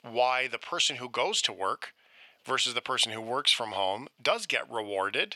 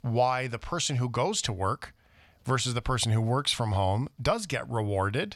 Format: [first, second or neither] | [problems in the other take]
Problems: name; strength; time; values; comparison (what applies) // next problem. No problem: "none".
second | thin; very; fading below 450 Hz